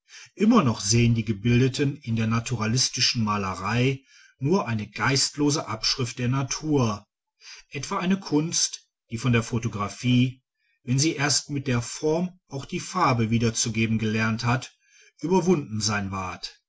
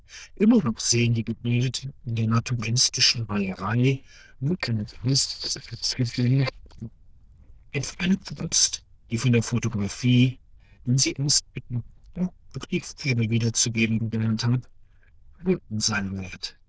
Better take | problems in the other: first | noise reduction (neural diffusion model UNIVERSE++)

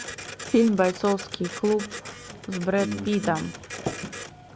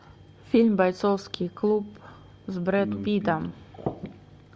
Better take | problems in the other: second | background sound (Printer); 13 dB below the speech

